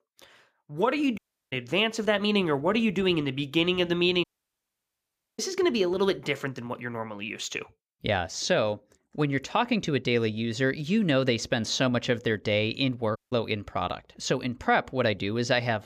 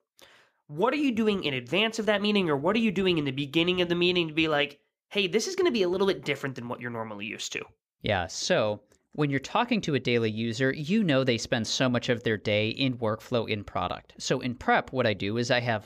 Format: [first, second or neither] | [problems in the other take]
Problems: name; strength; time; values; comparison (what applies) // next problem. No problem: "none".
second | audio cutting out; at 1 s, at 4 s for 1 s and at 13 s